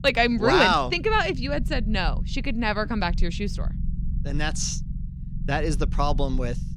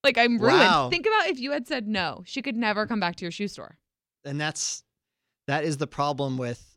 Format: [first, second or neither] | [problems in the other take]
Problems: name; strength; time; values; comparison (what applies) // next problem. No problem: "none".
second | low rumble; faint; throughout; 20 dB below the speech